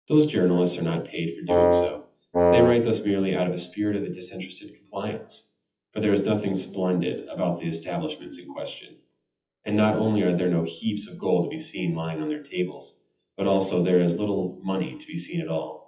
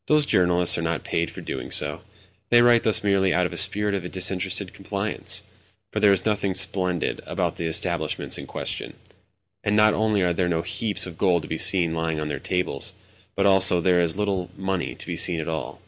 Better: second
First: noise reduction (classical method WPE with log-MMSE)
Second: none

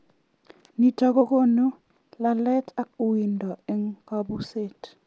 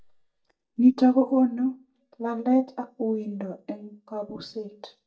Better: first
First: none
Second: noise reduction (neural mask model DeepFilterNet 3)

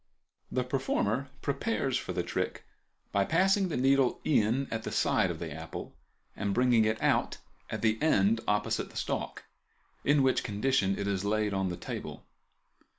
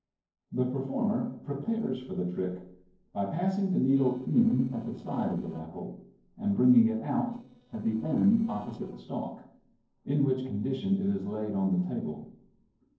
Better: first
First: none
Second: noise reduction (neural separator model SepFormer DNS4)

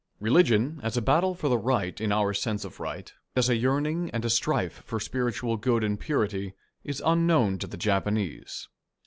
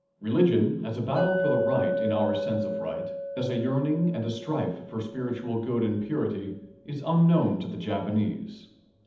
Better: first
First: none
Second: background sound (Chink, clink); 6 dB below the speech // room echo; dies away in 0.8 s

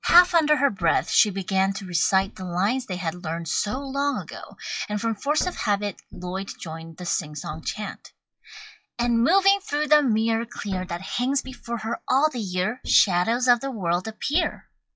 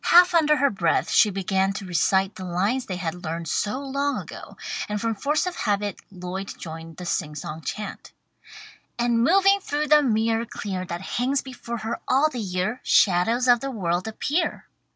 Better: second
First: noise reduction (classical method log-MMSE)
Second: none

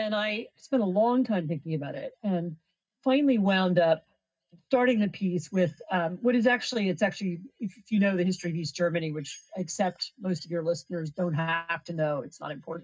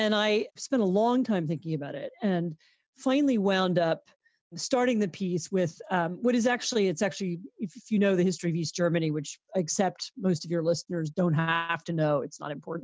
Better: second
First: noise reduction (neural mask model DeepFilterNet 3)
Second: none

